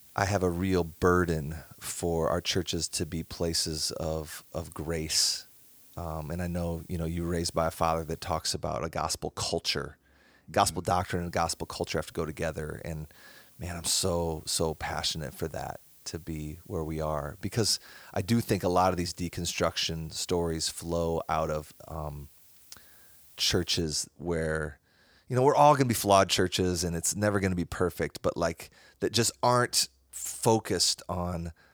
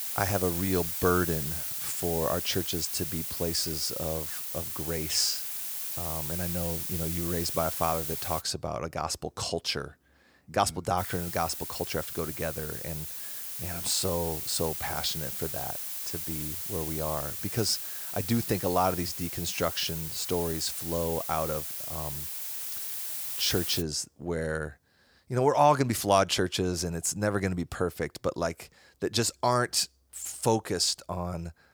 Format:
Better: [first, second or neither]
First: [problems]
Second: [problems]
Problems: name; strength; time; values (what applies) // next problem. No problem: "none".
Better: first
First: hiss; faint; until 8.5 s and from 11 to 24 s; 25 dB below the speech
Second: hiss; loud; until 8.5 s and from 11 to 24 s; 3 dB below the speech